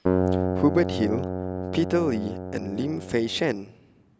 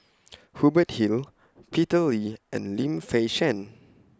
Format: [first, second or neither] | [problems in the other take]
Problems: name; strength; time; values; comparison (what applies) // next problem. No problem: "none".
second | background sound (Keyboard (musical)); 1 dB below the speech